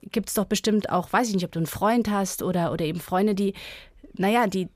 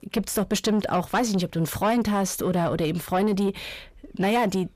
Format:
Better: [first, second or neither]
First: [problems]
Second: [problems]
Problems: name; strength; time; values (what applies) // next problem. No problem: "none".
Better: first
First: none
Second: distortion; slight; 10 dB below the speech